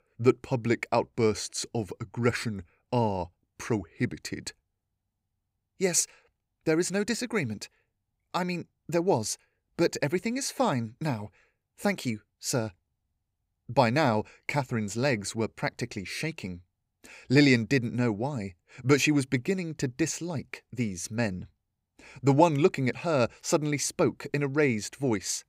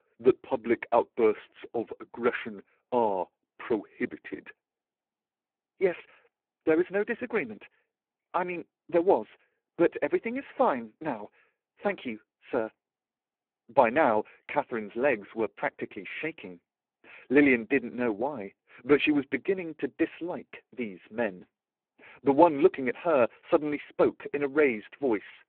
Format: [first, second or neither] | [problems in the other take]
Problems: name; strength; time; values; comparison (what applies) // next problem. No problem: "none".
first | phone-call audio; poor line